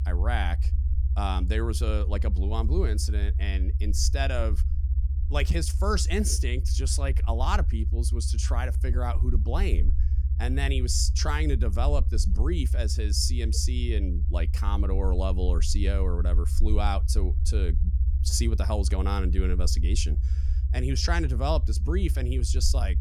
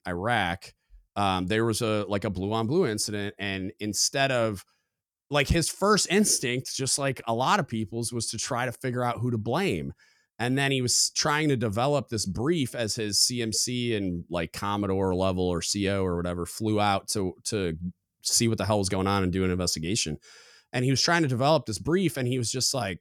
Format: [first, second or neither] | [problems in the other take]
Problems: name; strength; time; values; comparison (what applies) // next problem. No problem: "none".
second | low rumble; noticeable; throughout; 15 dB below the speech